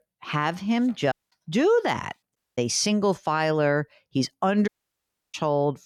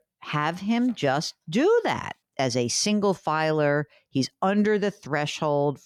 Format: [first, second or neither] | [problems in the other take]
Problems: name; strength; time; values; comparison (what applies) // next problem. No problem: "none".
second | audio cutting out; at 1 s, at 2.5 s and at 4.5 s for 0.5 s